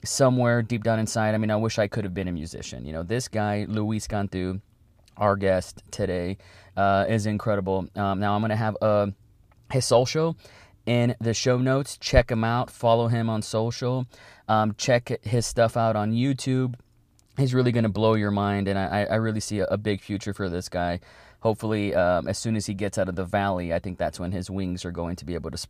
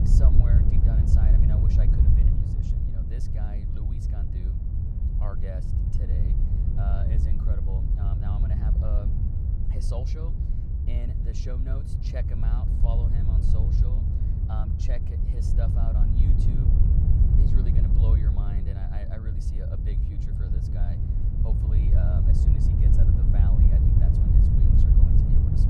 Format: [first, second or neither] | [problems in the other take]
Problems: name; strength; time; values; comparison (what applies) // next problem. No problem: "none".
first | wind noise on the microphone; heavy; 5 dB above the speech